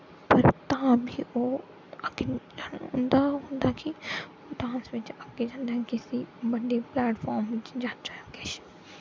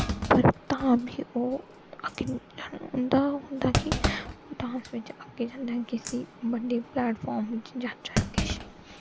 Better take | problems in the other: first | background sound (Thump, thud); 6 dB below the speech

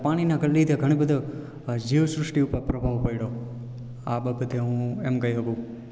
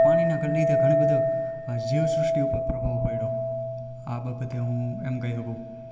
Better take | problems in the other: first | background sound (Chink, clink); 3 dB above the speech // room echo; dies away in 0.8 s

